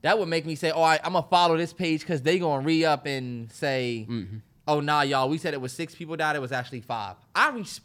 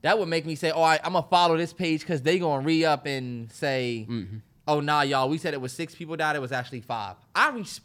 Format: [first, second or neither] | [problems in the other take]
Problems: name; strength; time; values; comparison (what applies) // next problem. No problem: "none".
neither | none